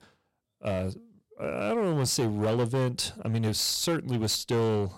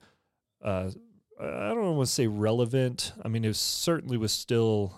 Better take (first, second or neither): second